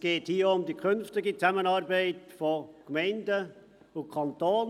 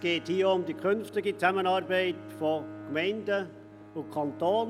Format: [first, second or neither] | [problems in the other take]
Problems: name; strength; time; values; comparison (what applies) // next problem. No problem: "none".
first | background sound (Bowed string instrument); 16 dB below the speech